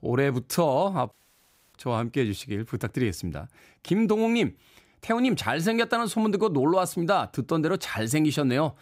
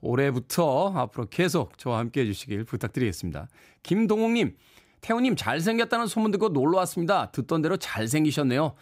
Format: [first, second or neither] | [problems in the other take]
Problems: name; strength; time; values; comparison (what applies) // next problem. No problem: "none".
second | audio cutting out; at 1 s for 0.5 s